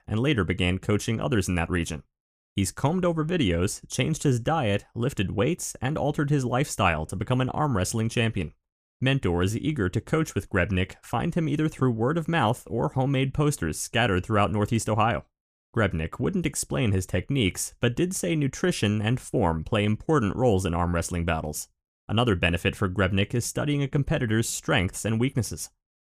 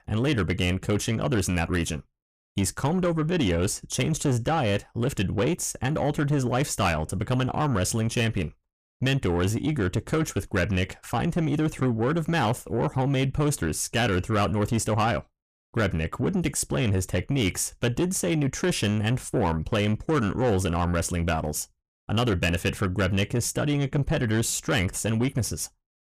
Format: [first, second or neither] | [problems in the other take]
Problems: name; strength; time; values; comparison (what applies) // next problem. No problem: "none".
first | distortion; slight; 10 dB below the speech